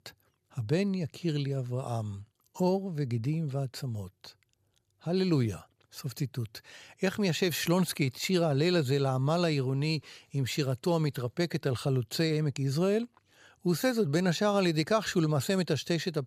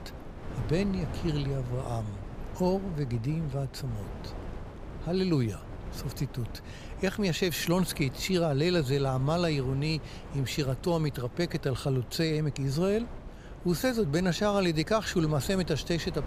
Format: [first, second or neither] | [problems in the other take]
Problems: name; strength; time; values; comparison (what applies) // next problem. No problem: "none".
first | wind noise on the microphone; occasional gusts; 15 dB below the speech